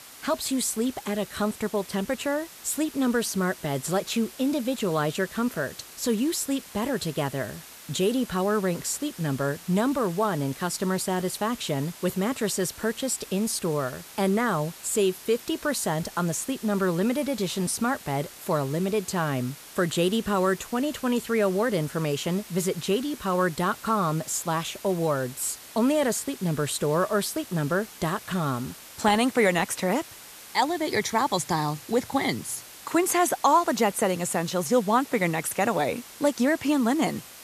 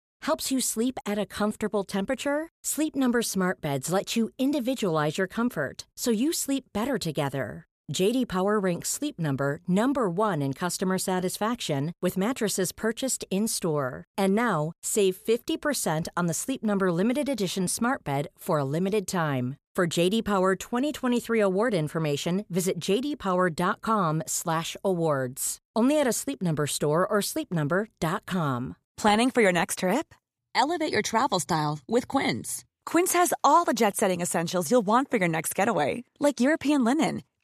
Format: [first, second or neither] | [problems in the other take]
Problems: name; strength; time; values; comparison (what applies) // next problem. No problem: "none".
second | hiss; noticeable; throughout; 15 dB below the speech